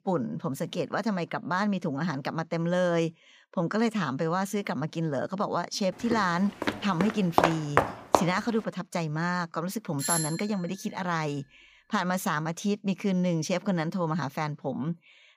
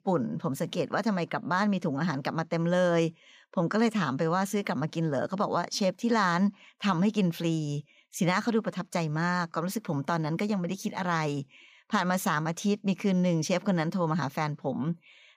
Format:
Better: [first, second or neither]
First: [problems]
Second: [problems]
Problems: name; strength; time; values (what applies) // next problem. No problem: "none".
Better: second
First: footsteps; loud; from 6 to 8 s; peak 5 dB above the speech // doorbell; loud; at 10 s; peak 1 dB above the speech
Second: none